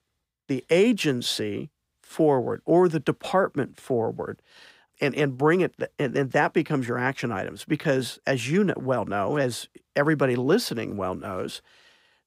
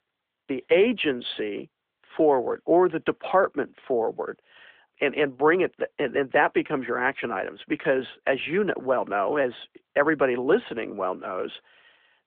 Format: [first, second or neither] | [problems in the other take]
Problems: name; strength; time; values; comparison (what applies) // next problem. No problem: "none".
first | phone-call audio